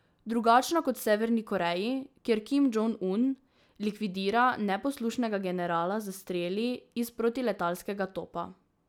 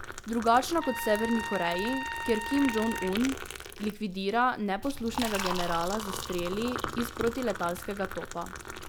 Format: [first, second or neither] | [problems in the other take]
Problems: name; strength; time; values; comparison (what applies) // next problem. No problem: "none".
first | background sound (Trumpet + Liquid); 6 dB below the speech